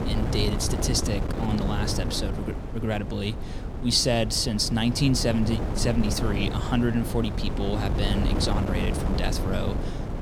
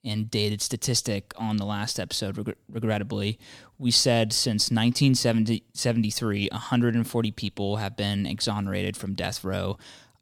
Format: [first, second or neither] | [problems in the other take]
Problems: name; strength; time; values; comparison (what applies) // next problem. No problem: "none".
second | wind noise on the microphone; heavy; 7 dB below the speech